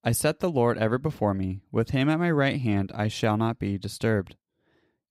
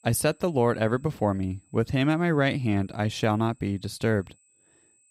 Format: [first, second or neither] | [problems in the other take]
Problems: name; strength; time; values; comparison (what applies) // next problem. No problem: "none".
first | high-pitched whine; faint; throughout; 8 kHz, 35 dB below the speech